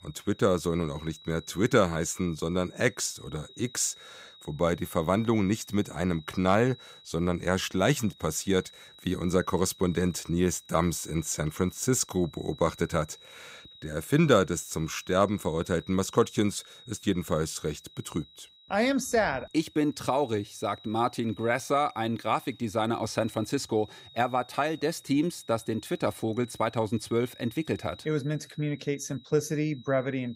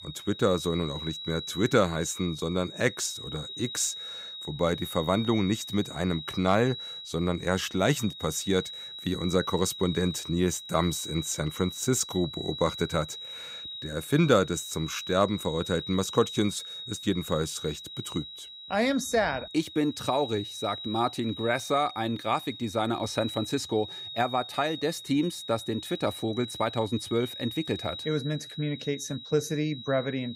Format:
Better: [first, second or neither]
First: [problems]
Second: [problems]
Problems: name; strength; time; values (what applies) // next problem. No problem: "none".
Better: first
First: high-pitched whine; faint; throughout; 4 kHz, 20 dB below the speech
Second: high-pitched whine; loud; throughout; 4 kHz, 9 dB below the speech